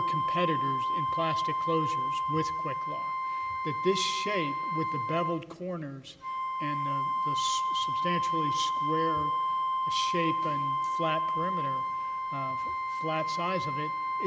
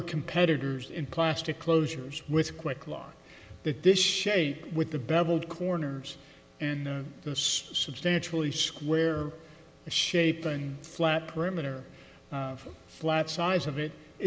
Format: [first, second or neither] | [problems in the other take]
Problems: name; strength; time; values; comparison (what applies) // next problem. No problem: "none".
second | background sound (Wind instrument, woodwind instrument); 5 dB above the speech